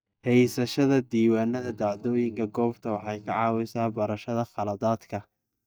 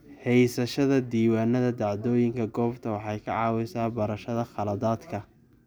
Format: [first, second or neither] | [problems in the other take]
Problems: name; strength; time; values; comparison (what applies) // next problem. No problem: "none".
second | noise reduction (neural mask model DeepFilterNet 3)